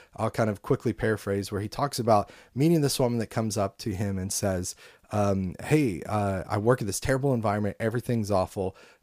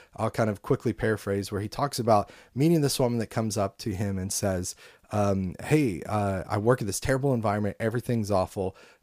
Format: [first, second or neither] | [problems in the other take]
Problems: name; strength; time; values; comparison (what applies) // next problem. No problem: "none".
neither | none